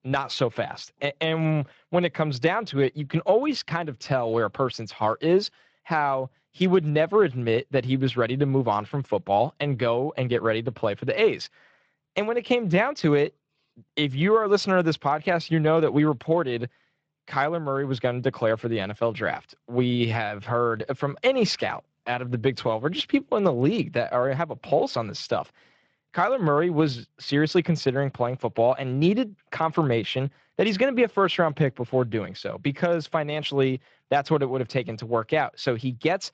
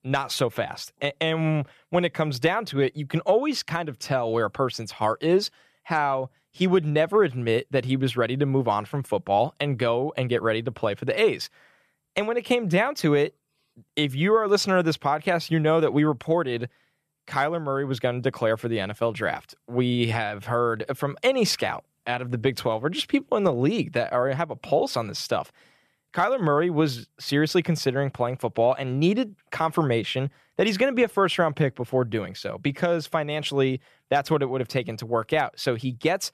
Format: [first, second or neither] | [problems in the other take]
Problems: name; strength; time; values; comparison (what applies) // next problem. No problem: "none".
second | garbled, watery; slightly